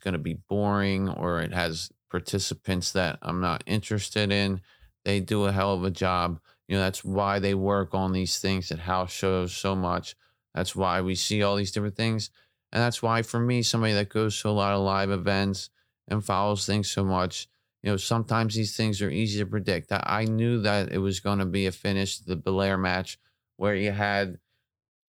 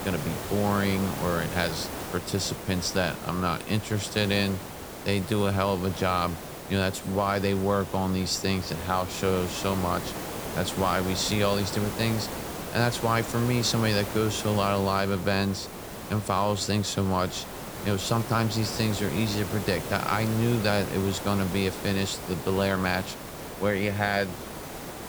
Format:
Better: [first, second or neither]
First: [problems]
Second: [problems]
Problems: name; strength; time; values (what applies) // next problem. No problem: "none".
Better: first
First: none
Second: hiss; loud; throughout; 8 dB below the speech